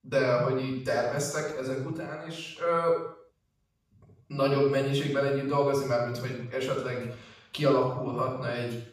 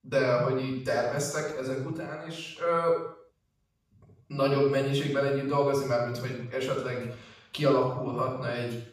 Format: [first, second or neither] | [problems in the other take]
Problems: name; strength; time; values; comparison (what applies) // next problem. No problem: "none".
neither | room echo; noticeable; dies away in 0.6 s; the same in both // off-mic speech; far; the same in both